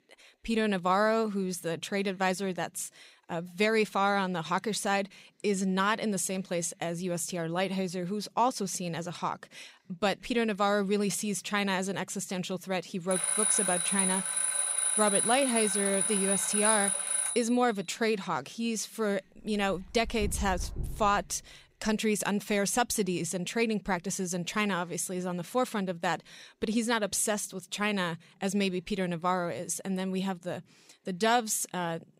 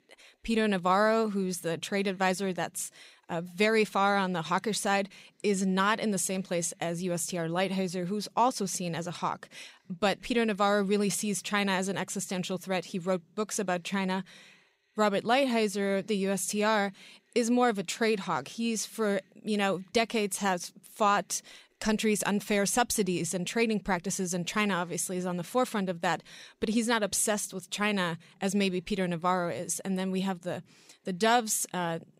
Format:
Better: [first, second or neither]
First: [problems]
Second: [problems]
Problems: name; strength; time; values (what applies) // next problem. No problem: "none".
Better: second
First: alarm; loud; from 13 to 17 s; peak 6 dB above the speech // dog barking; noticeable; from 20 to 21 s; peak 7 dB below the speech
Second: none